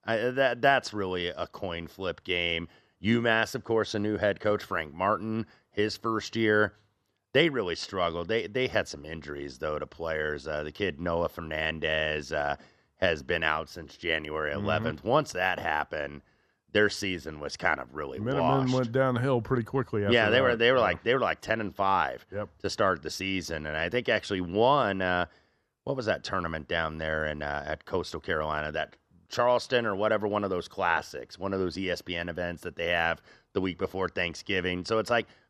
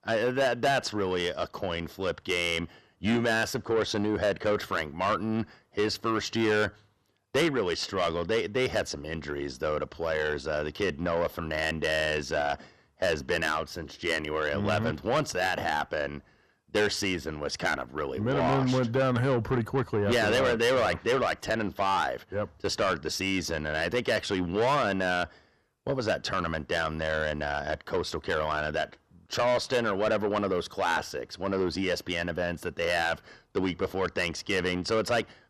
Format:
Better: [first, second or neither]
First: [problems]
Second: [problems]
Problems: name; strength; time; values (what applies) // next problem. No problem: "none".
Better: first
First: none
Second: distortion; heavy; 8 dB below the speech